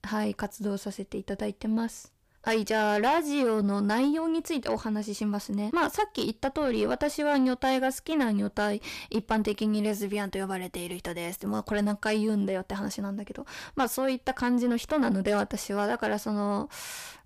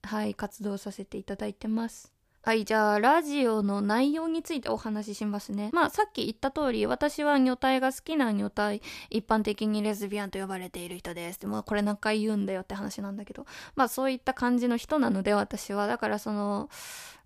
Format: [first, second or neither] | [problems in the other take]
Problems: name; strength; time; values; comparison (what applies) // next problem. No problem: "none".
second | distortion; slight; 10 dB below the speech